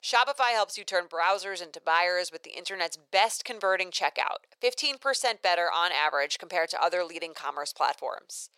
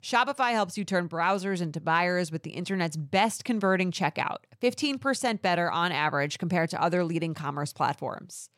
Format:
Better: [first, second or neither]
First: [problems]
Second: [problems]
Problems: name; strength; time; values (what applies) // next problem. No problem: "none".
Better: second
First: thin; very; fading below 500 Hz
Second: none